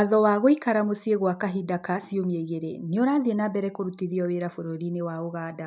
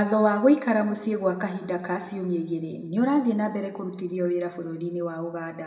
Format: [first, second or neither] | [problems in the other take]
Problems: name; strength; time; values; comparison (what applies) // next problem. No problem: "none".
first | room echo; dies away in 1.1 s